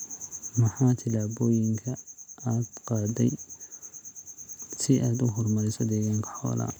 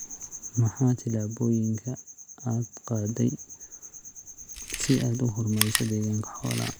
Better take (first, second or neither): first